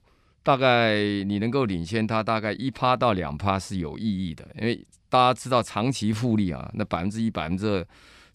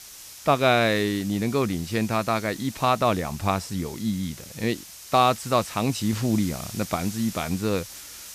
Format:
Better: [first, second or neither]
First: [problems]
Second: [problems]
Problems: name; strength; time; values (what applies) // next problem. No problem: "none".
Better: first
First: none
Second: hiss; noticeable; throughout; 15 dB below the speech